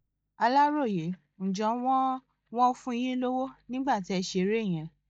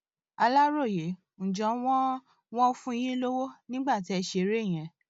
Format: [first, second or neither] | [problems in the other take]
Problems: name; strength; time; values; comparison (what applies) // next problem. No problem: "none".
second | noise reduction (neural mask model DeepFilterNet 3)